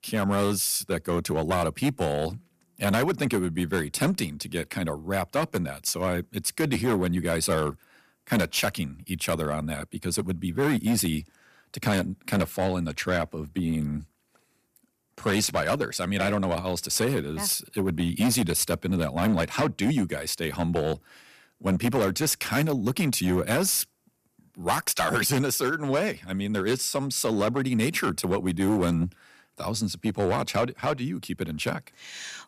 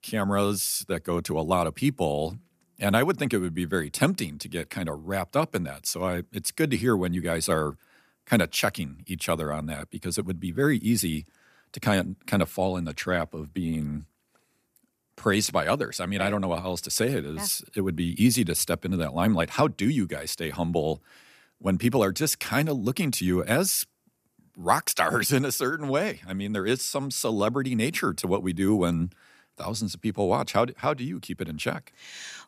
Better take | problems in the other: second | distortion; slight; 6% of the sound clipped

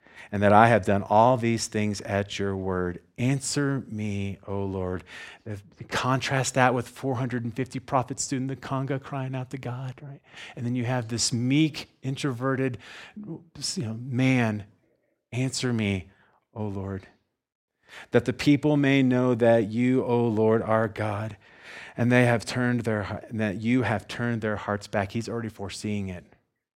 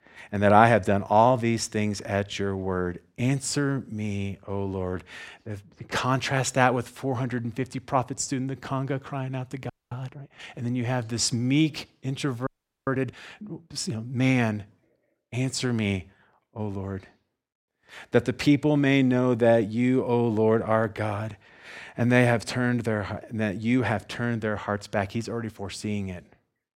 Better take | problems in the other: first | audio freezing; at 9.5 s and at 12 s

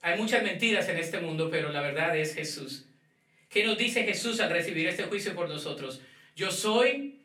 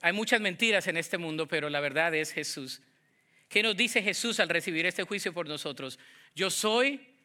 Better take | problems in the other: second | off-mic speech; far // room echo; very slight; dies away in 0.3 s

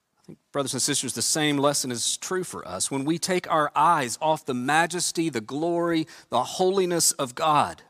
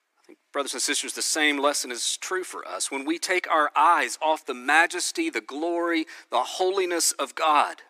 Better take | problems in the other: first | thin; somewhat; fading below 300 Hz

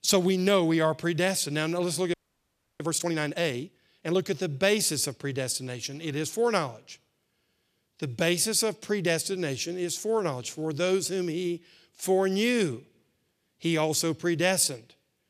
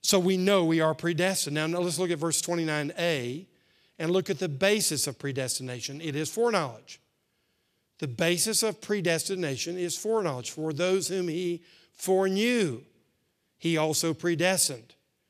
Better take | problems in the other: second | audio freezing; at 2 s for 0.5 s

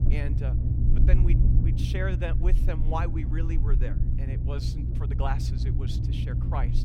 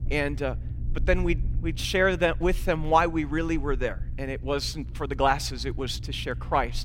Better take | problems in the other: second | low rumble; loud; throughout; 4 dB below the speech; faint in the second

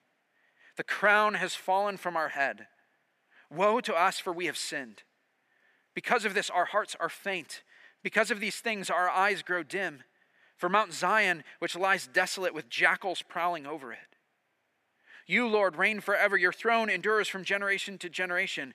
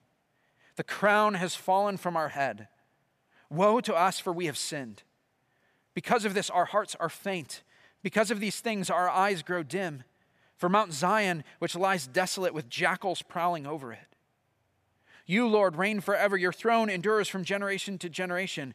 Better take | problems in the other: second | thin; very slightly; fading below 250 Hz

